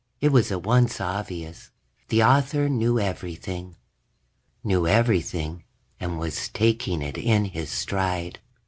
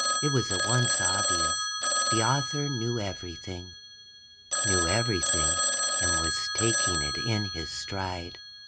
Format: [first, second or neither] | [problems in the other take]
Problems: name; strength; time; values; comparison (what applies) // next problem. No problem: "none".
first | background sound (Telephone); 4 dB above the speech